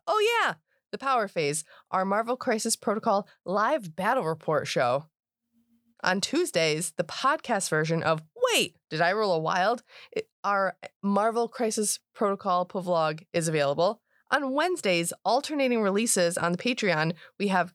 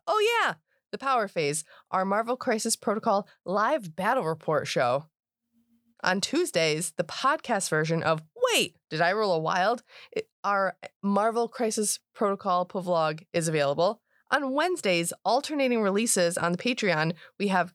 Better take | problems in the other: neither | none

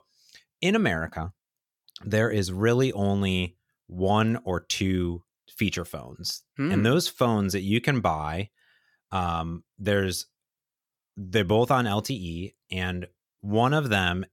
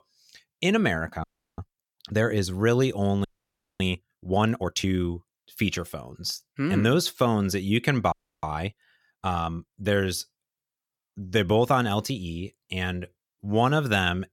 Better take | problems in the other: first | audio freezing; at 1 s, at 3 s for 0.5 s and at 8 s

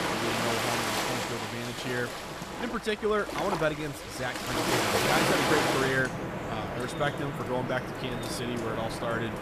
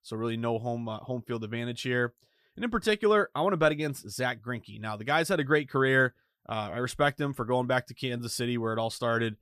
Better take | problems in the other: second | rain or running water; very loud; throughout; 2 dB above the speech

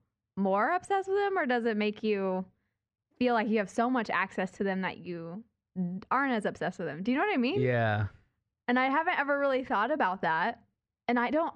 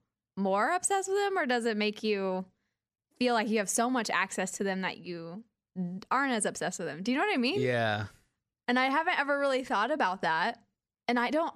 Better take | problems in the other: second | muffled; slightly; fading above 2.5 kHz

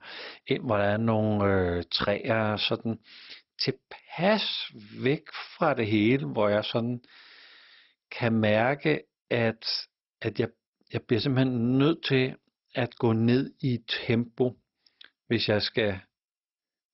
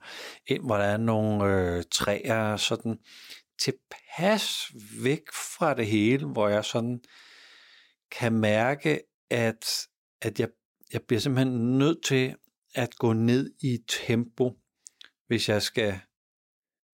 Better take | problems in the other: second | garbled, watery; badly; nothing above 5.5 kHz

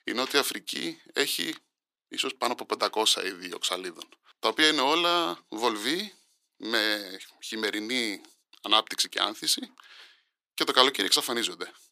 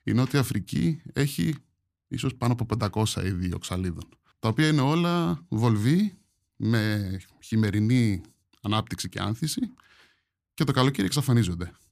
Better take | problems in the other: second | thin; very; fading below 400 Hz

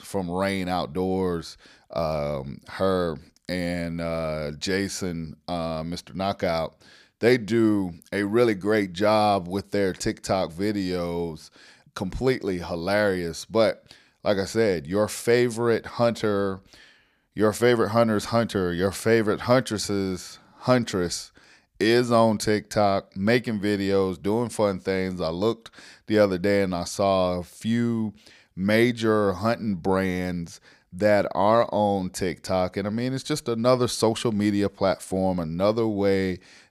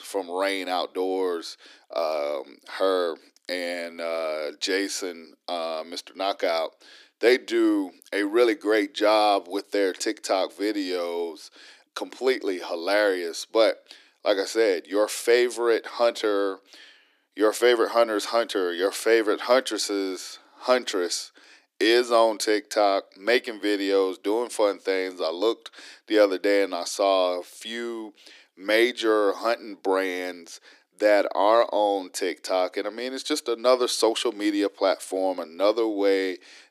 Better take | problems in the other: first | thin; somewhat; fading below 300 Hz

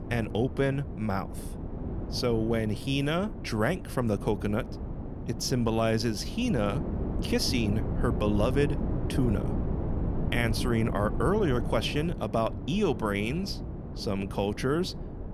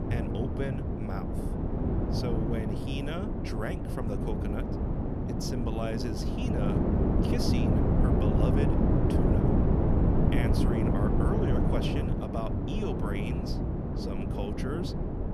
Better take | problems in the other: first | wind noise on the microphone; heavy; 4 dB above the speech; occasional gusts in the first

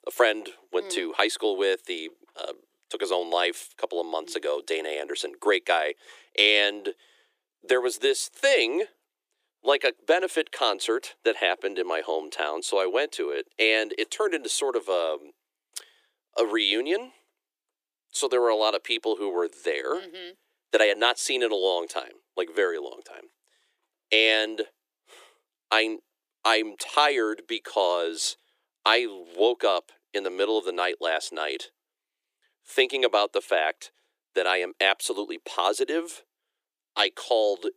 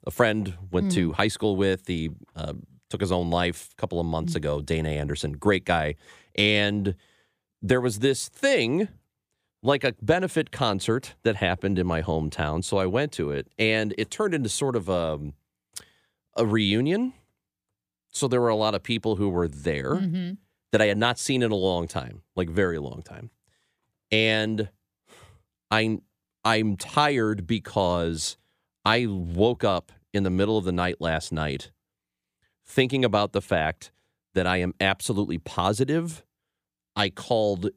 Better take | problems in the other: second | thin; very; fading below 350 Hz

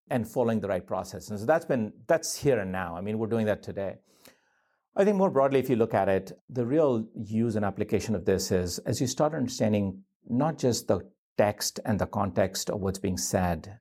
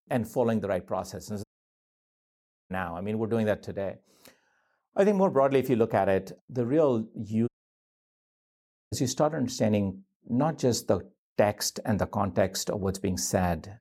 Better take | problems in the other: first | audio cutting out; at 1.5 s for 1.5 s and at 7.5 s for 1.5 s

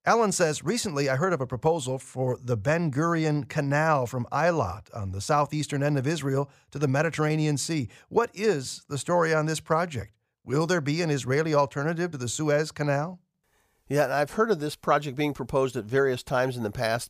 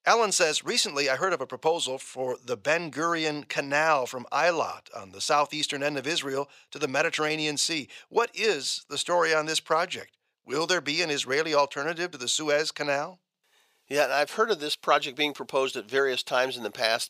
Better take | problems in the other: first | thin; somewhat; fading below 350 Hz

